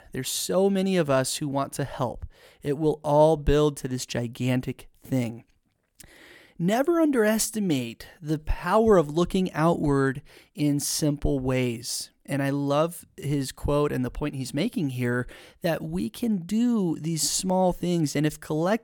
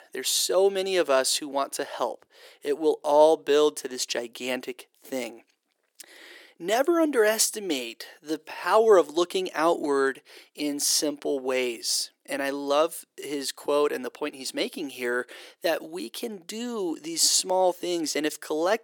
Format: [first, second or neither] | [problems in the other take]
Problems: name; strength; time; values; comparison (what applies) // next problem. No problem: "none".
first | thin; somewhat; fading below 350 Hz